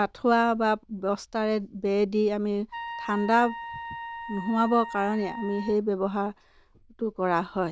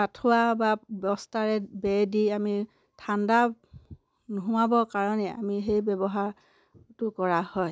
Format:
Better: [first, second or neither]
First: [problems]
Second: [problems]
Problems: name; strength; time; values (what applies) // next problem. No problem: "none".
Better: second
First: noise reduction (neural diffusion model UNIVERSE++)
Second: none